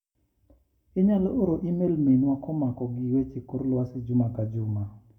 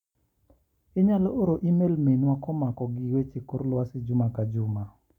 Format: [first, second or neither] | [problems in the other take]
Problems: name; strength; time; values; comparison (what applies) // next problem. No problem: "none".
second | room echo; dies away in 0.7 s